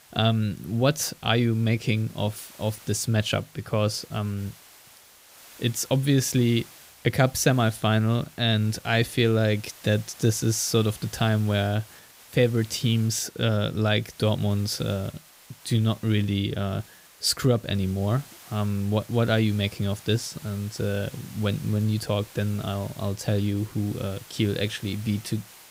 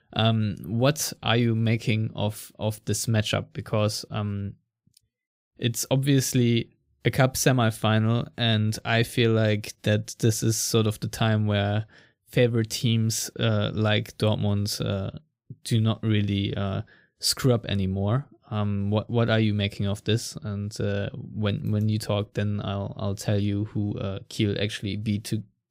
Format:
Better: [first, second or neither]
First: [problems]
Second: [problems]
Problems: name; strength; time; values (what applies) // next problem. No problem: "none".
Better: second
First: hiss; faint; throughout; 20 dB below the speech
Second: none